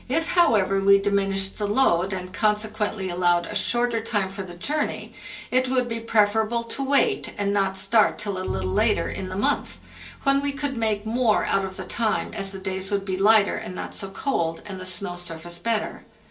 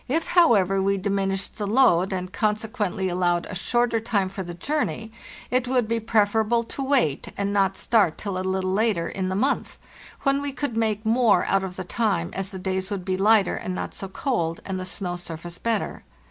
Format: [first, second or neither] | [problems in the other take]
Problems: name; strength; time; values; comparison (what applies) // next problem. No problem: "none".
second | background sound (Bowed string instrument); 19 dB below the speech // room echo; dies away in 0.3 s